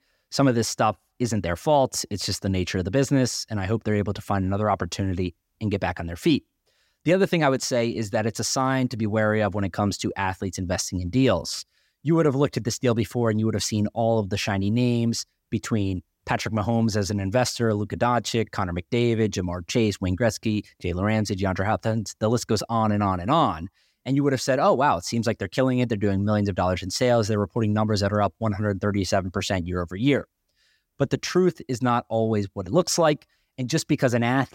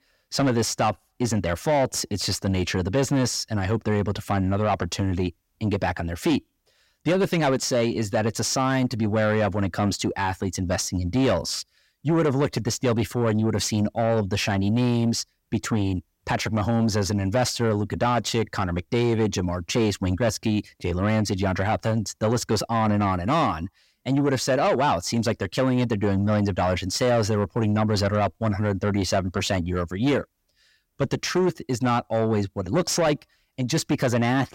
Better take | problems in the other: first | distortion; slight; 10 dB below the speech

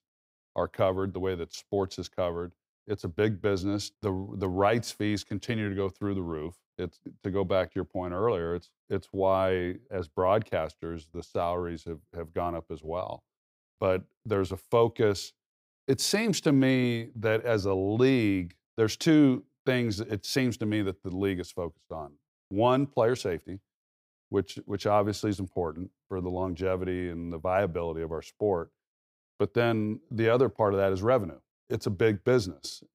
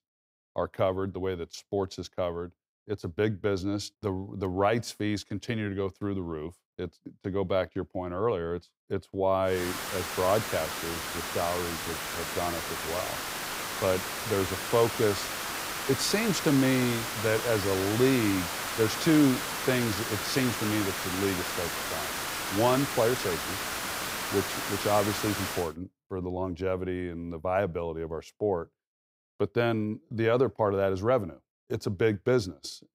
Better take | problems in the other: first | hiss; loud; from 9.5 to 26 s; 2 dB below the speech

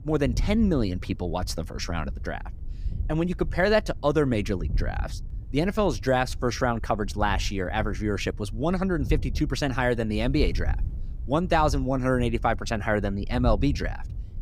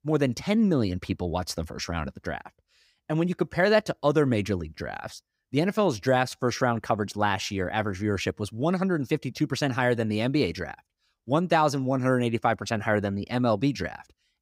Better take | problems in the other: second | wind noise on the microphone; occasional gusts; 25 dB below the speech

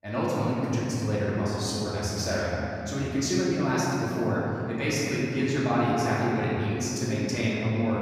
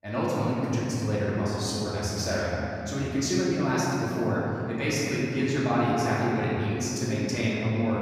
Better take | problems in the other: neither | room echo; strong; dies away in 3 s; the same in both // off-mic speech; far; the same in both

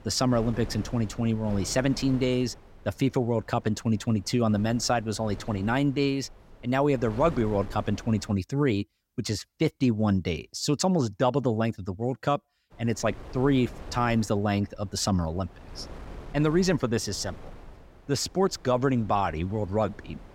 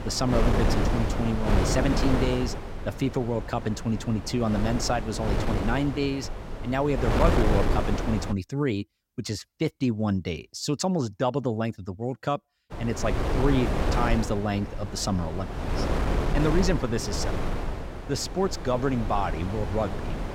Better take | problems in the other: first | wind noise on the microphone; heavy; until 8.5 s and from 13 s on; 3 dB below the speech; occasional gusts in the first

